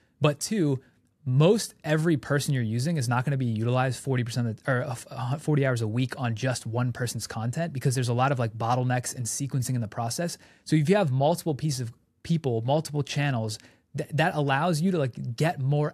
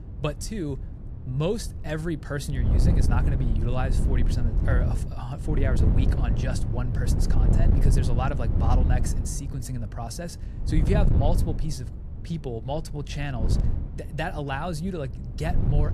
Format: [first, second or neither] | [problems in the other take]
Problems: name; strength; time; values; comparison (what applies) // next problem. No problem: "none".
first | wind noise on the microphone; heavy; 4 dB below the speech